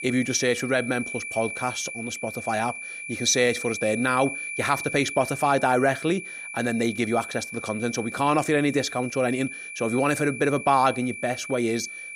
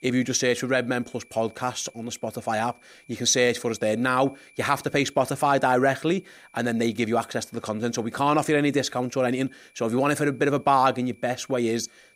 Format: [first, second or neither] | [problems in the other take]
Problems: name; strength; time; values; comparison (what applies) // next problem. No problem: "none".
second | high-pitched whine; loud; throughout; 2.5 kHz, 8 dB below the speech; faint in the second